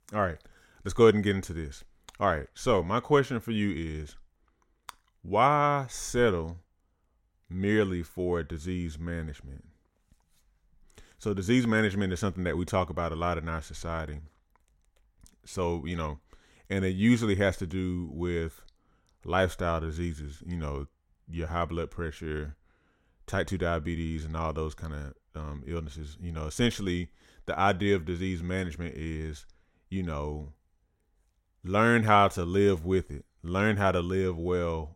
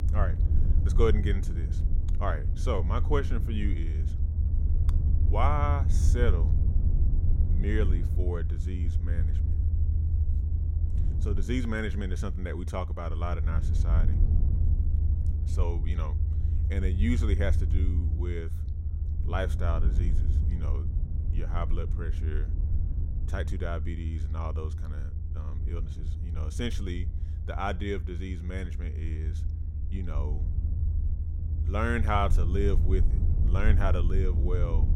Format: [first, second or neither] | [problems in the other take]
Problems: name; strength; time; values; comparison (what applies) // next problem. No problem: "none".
first | low rumble; noticeable; throughout; 10 dB below the speech